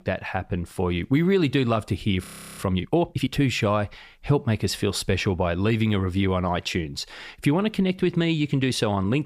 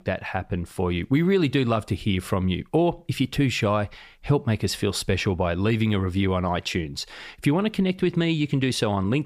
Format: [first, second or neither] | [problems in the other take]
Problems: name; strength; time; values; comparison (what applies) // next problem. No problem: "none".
second | audio freezing; at 2 s